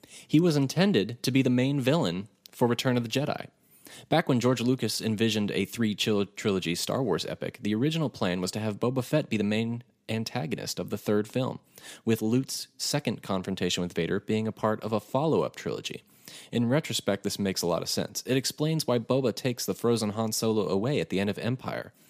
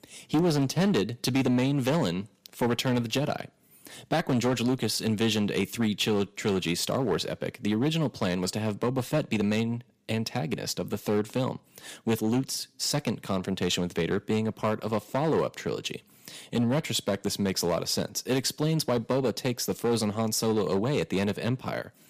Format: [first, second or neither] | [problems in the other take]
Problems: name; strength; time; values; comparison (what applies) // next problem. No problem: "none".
first | distortion; slight; 6% of the sound clipped